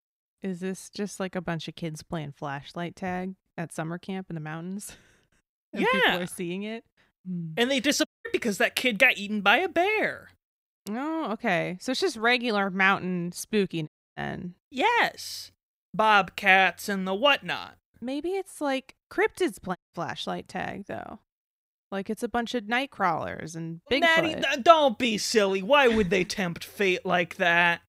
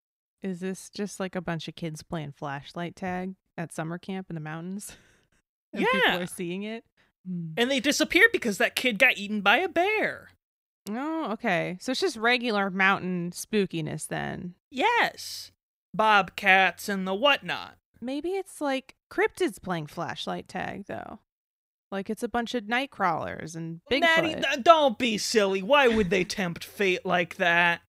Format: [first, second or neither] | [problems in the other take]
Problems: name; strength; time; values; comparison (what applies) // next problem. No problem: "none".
second | audio cutting out; at 8 s, at 14 s and at 20 s